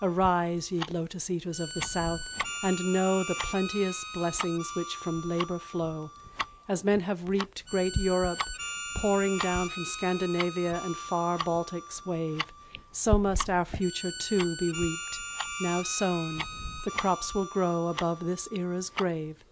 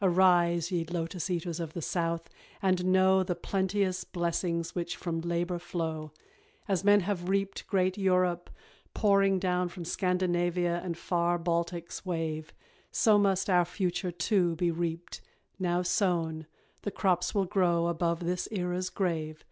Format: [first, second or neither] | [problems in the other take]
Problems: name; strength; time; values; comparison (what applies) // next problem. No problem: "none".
second | background sound (Tick-tock + Harmonica); 7 dB below the speech